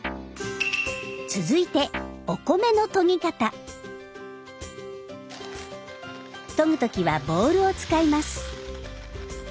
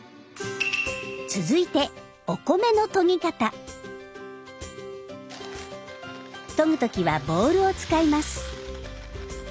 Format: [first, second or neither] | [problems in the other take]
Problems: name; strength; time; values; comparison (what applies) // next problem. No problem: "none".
second | background sound (Guitar); 12 dB below the speech